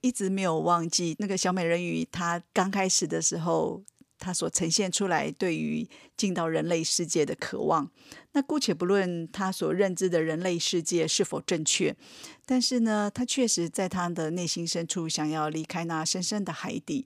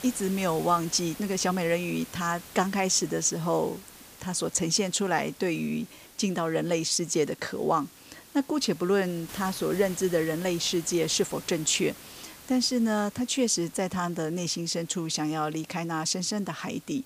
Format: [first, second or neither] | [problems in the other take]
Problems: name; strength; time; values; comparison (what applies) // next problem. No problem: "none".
first | hiss; noticeable; throughout; 20 dB below the speech